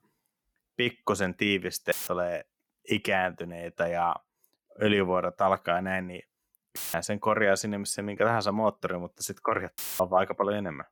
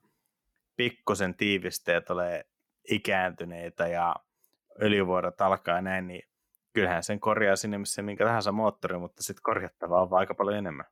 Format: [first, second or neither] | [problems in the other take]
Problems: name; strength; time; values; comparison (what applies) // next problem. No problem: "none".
second | audio cutting out; filled with static; at 2 s, at 7 s and at 10 s